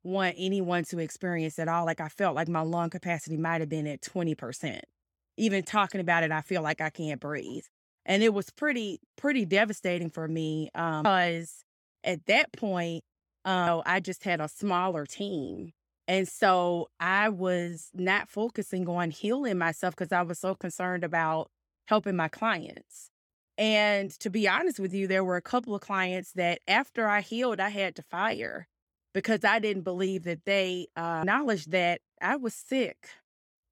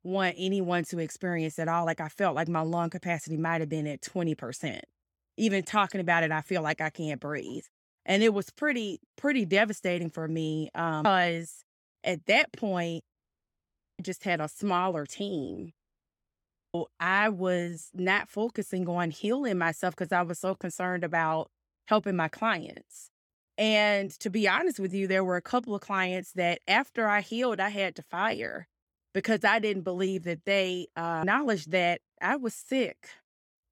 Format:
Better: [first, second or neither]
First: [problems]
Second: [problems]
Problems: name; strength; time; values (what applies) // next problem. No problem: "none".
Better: first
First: none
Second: audio cutting out; at 13 s for 1 s and at 16 s for 1 s